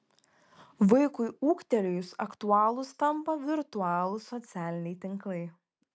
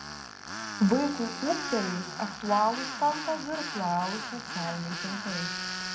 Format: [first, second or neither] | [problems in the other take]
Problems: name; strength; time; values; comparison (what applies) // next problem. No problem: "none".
first | background sound (Tools); 6 dB below the speech // room echo; dies away in 0.4 s